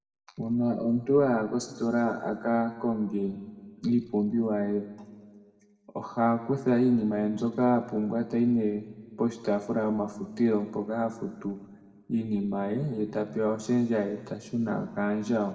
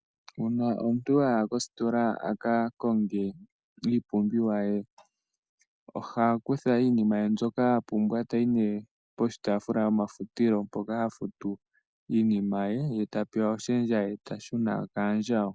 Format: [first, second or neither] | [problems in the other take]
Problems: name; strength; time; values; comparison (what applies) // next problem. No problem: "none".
second | room echo; dies away in 1.5 s